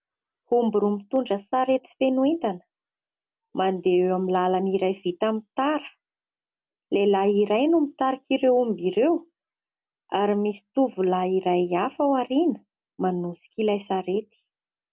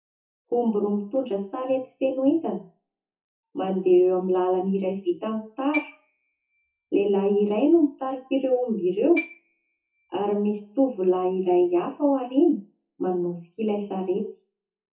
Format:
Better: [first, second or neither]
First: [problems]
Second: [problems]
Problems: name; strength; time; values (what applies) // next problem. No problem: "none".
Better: first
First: none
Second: noise reduction (classical method WPE with log-MMSE)